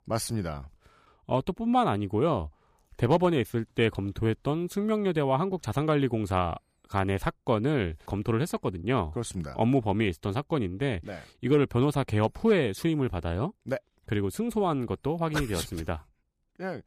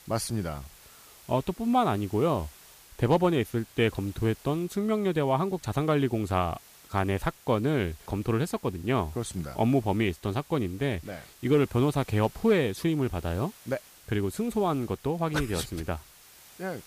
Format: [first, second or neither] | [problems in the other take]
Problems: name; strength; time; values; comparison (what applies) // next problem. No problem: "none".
first | hiss; faint; throughout; 25 dB below the speech